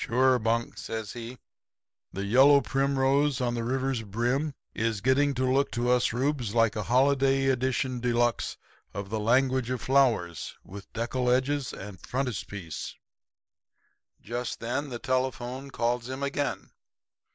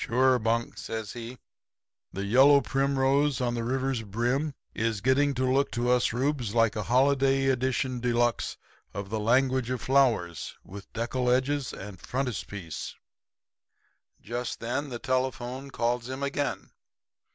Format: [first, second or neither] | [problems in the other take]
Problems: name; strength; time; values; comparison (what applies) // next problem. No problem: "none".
second | noise reduction (neural mask model Resemble Enhance denoiser)